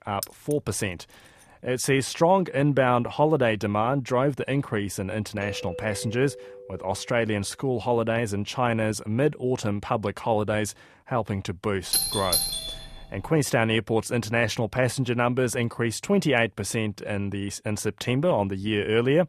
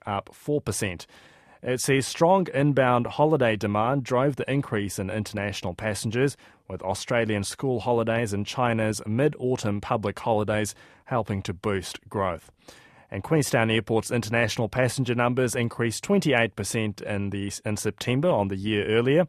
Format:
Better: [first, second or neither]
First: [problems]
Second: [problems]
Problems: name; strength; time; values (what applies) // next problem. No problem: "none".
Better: second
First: jangling keys; faint; at the start; peak 10 dB below the speech // doorbell; faint; from 5.5 to 7.5 s; peak 10 dB below the speech // doorbell; loud; from 12 to 13 s; peak 2 dB above the speech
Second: none